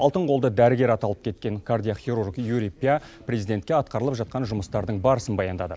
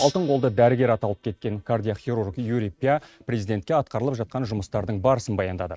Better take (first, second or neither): first